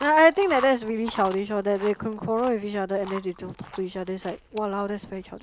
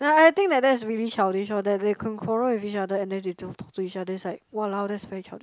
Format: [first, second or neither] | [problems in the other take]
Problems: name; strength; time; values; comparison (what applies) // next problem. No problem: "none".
second | background sound (Chewing, mastication); 17 dB below the speech